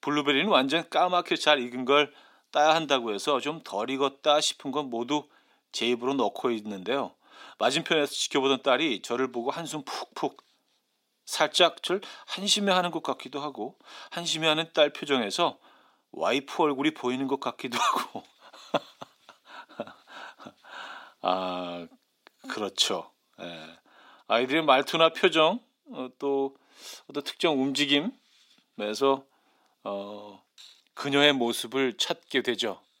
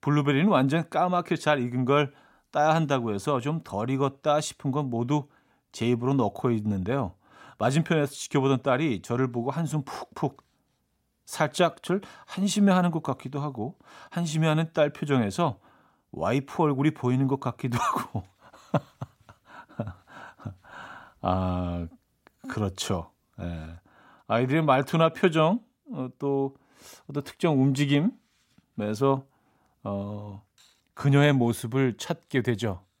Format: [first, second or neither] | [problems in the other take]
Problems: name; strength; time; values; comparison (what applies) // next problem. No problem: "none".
second | thin; somewhat; fading below 300 Hz